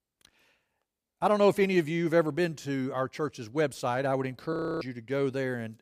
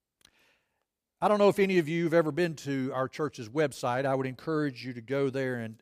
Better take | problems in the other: second | audio freezing; at 4.5 s

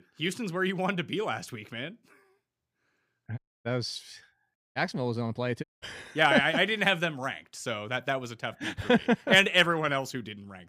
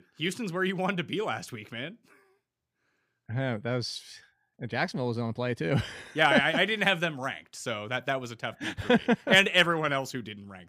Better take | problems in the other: second | audio cutting out; at 3.5 s, at 4.5 s and at 5.5 s

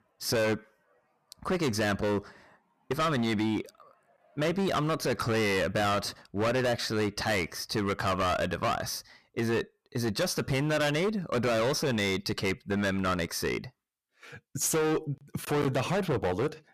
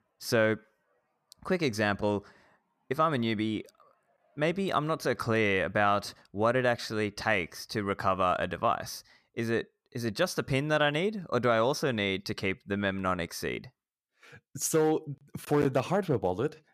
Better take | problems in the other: second | distortion; heavy; 17% of the sound clipped

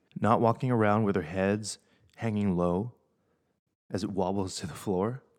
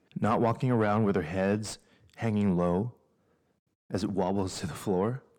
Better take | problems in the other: first | distortion; slight; 10 dB below the speech

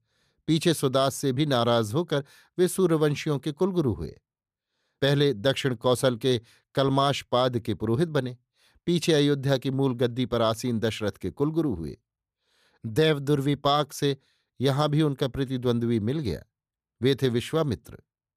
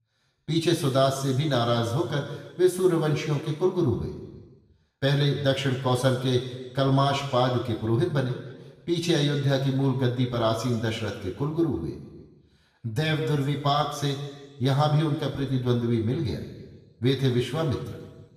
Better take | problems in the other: first | room echo; noticeable; dies away in 1.2 s // off-mic speech; far

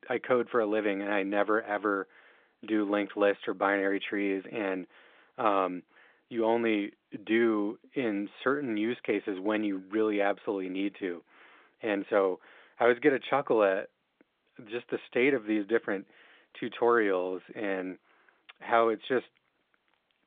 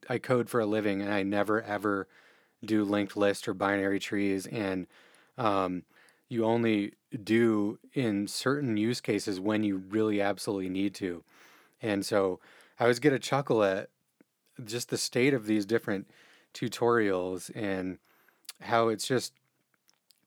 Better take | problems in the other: second | phone-call audio

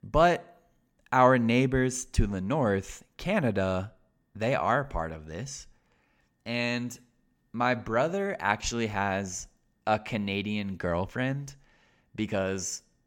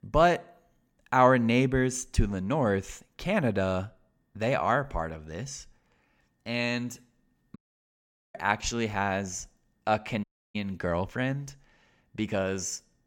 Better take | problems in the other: first | audio cutting out; at 7.5 s for 1 s and at 10 s

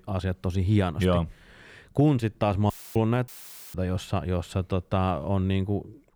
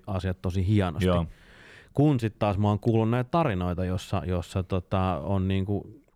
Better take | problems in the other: second | audio cutting out; filled with static; at 2.5 s and at 3.5 s

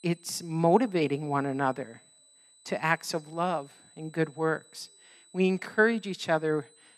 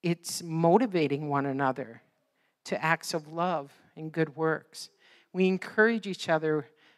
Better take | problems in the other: second | high-pitched whine; faint; throughout; 8 kHz, 25 dB below the speech

